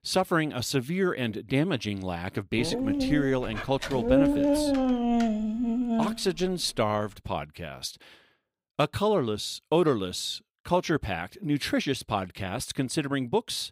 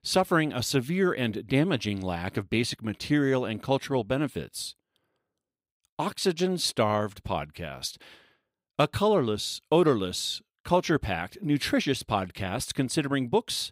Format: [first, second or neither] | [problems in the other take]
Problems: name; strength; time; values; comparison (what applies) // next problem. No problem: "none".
second | dog barking; loud; from 2.5 to 6.5 s; peak 6 dB above the speech